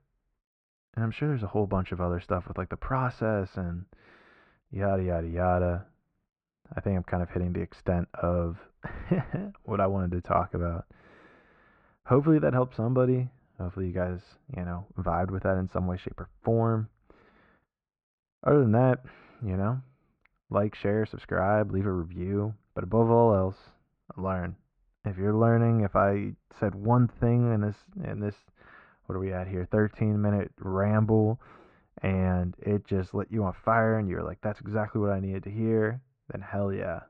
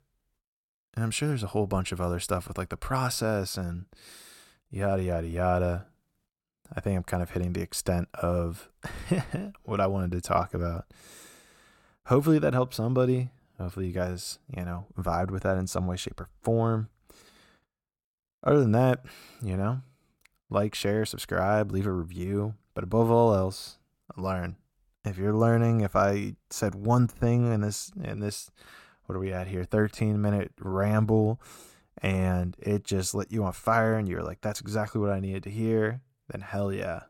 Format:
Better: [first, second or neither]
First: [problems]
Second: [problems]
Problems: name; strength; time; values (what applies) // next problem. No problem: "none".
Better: second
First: muffled; very; fading above 2 kHz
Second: none